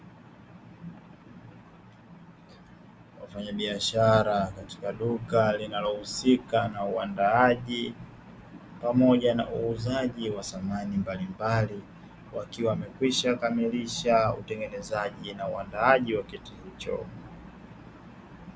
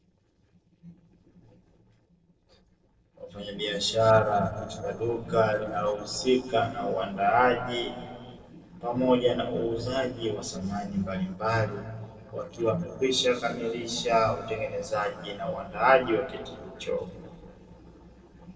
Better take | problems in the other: first | noise reduction (neural separator model SepFormer DNS4)

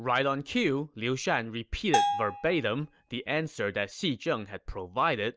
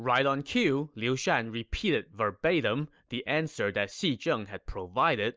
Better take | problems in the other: second | background sound (Bell); 2 dB below the speech

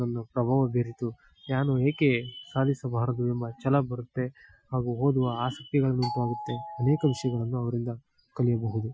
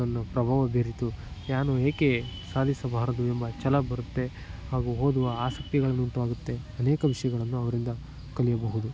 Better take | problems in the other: second | noise reduction (classical method Wiener filter)

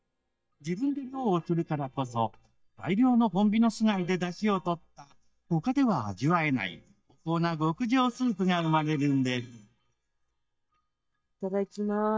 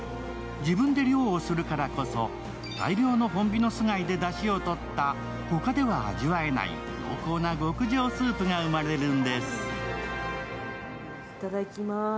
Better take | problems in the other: second | noise reduction (neural mask model DeepFilterNet 3)

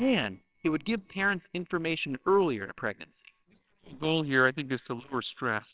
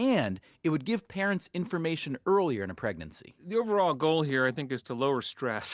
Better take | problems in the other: second | noise reduction (neural separator model SepFormer WHAMR!)

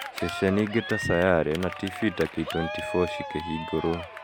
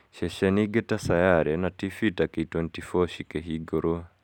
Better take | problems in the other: second | background sound (Cheering); 8 dB below the speech

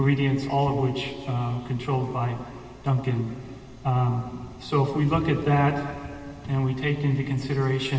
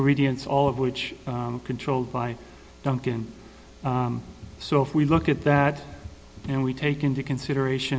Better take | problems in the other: second | room echo; dies away in 2.3 s

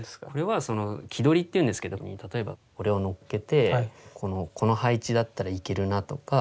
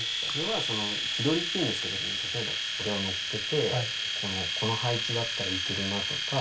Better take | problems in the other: first | background sound (Domestic sounds, home sounds); 2 dB above the speech // room echo; dies away in 0.3 s

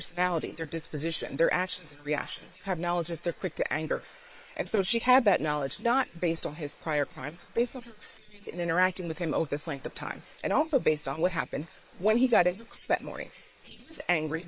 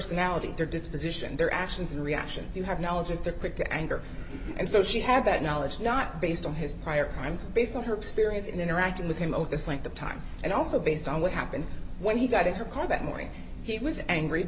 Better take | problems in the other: second | noise reduction (neural separator model SepFormer WHAM!)

